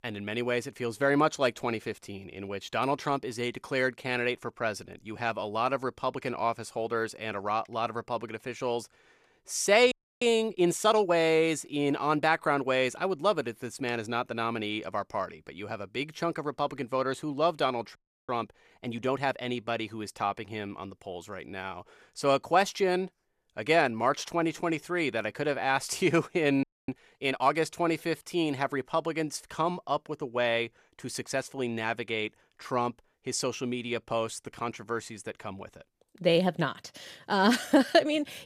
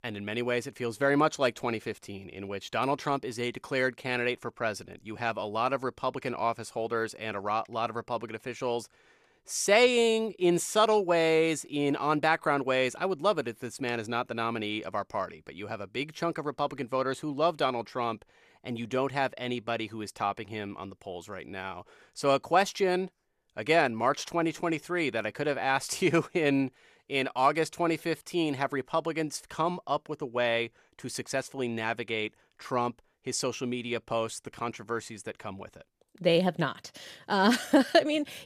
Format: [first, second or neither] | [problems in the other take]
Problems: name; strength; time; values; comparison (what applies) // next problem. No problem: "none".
second | audio freezing; at 10 s, at 18 s and at 27 s